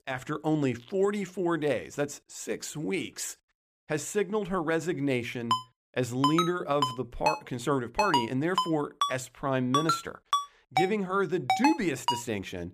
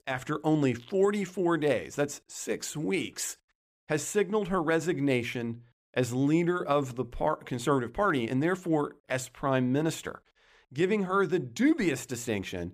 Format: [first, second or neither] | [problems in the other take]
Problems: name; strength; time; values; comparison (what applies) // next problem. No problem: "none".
second | phone ringing; loud; from 5.5 to 12 s; peak 3 dB above the speech